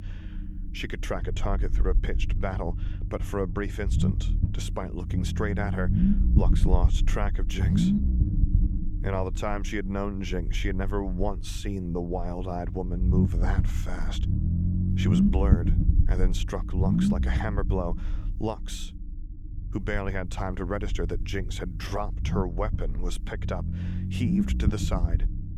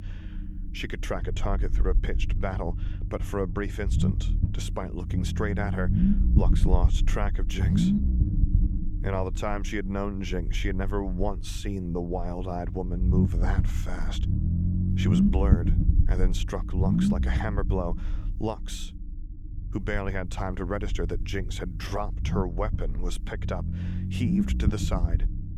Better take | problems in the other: neither | low rumble; loud; throughout; 4 dB below the speech; the same in both

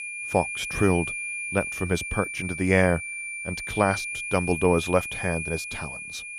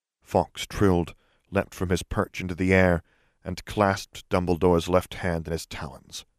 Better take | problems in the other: second | high-pitched whine; loud; throughout; 2.5 kHz, 5 dB below the speech

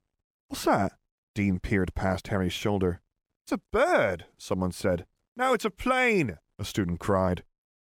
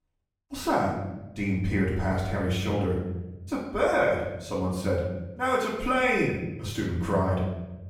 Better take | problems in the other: first | off-mic speech; far // room echo; noticeable; dies away in 1 s

